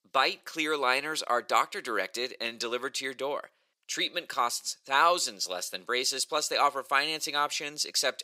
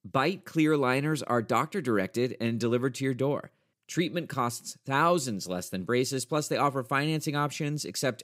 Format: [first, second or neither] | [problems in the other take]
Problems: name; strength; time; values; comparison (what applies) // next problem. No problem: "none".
second | thin; very; fading below 700 Hz